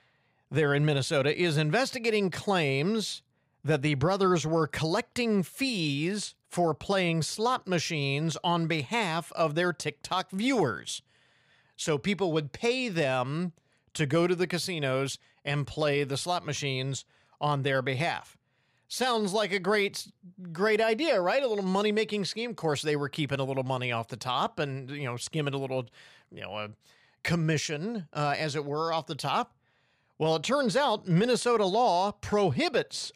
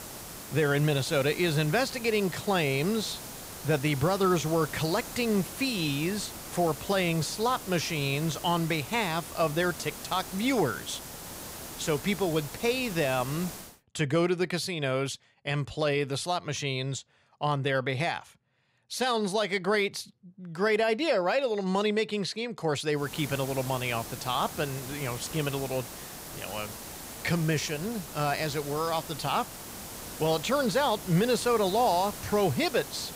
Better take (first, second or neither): first